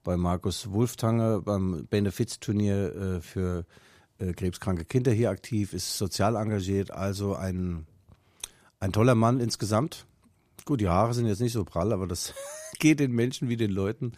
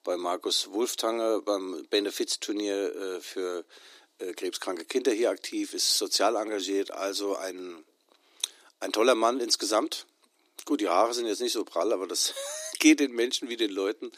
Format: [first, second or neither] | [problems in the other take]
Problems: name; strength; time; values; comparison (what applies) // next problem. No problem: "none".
first | thin; somewhat; fading below 300 Hz